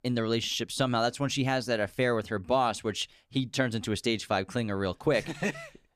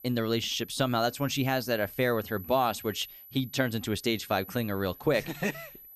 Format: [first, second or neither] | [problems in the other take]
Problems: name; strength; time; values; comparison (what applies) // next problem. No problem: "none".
first | high-pitched whine; noticeable; throughout; 12 kHz, 15 dB below the speech